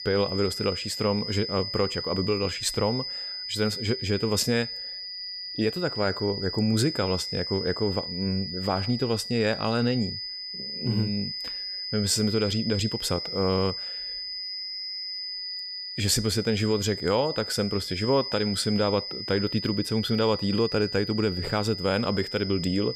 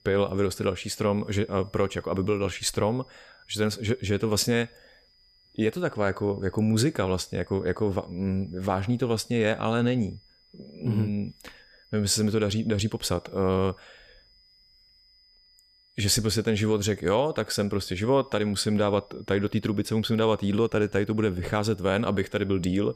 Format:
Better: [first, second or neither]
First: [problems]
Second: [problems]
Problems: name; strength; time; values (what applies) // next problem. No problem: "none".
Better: second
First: high-pitched whine; loud; throughout; 5 kHz, 5 dB below the speech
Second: high-pitched whine; faint; throughout; 5 kHz, 30 dB below the speech